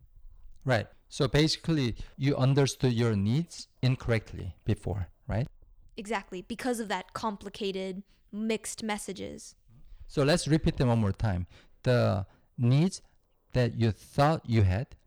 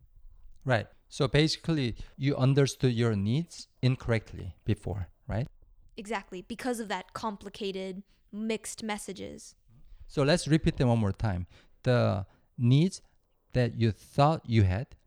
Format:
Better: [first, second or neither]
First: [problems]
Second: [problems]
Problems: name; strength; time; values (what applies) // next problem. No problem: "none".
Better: second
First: distortion; slight; 3% of the sound clipped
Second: none